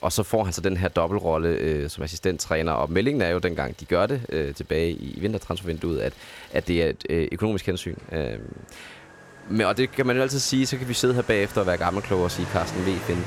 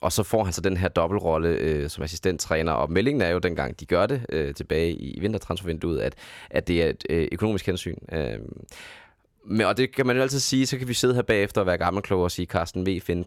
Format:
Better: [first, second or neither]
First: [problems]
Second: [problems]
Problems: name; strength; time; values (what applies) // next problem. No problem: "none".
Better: second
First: traffic noise; noticeable; throughout; 15 dB below the speech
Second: none